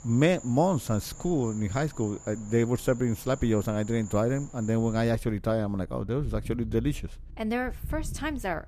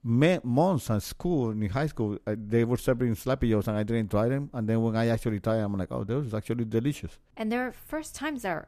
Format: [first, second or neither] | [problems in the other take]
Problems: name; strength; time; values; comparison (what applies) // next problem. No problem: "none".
second | animal sounds; noticeable; throughout; 15 dB below the speech